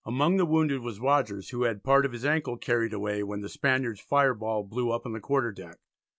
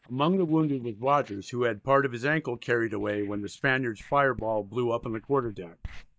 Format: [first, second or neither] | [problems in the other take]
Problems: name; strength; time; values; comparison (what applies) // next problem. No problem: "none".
first | noise reduction (neural mask model DeepFilterNet 3)